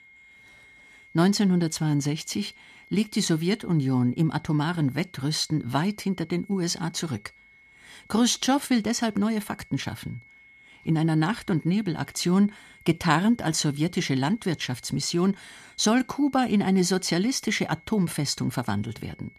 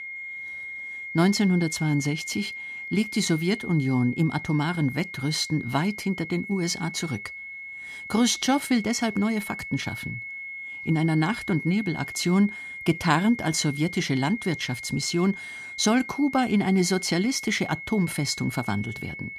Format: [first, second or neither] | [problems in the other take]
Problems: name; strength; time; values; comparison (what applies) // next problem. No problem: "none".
first | high-pitched whine; loud; throughout; 2 kHz, 10 dB below the speech; faint in the first